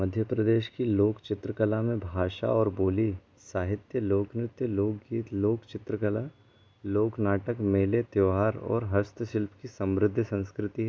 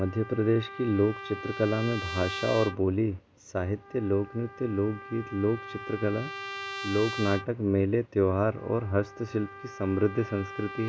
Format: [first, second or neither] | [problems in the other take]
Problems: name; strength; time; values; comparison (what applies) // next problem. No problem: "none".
first | background sound (Trumpet); 12 dB below the speech